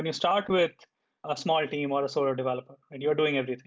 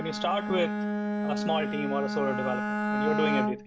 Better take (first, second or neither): first